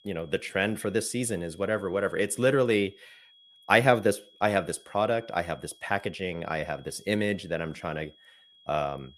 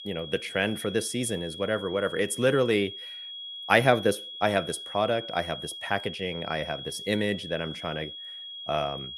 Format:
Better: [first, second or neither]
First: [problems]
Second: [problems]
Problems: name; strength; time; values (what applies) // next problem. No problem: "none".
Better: first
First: high-pitched whine; faint; throughout; 3.5 kHz, 30 dB below the speech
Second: high-pitched whine; loud; throughout; 3.5 kHz, 10 dB below the speech